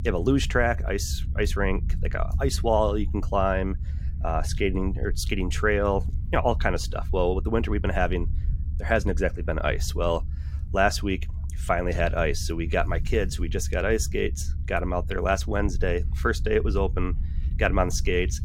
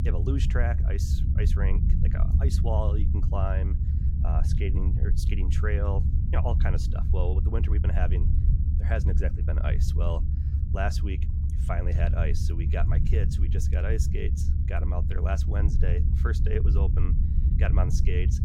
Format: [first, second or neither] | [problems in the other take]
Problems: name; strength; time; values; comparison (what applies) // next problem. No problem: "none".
first | low rumble; loud; throughout; 5 dB below the speech; faint in the first